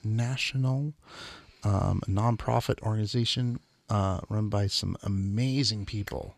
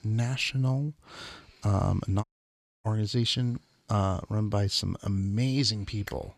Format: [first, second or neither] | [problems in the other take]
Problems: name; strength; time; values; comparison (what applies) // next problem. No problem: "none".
first | audio cutting out; at 2 s for 0.5 s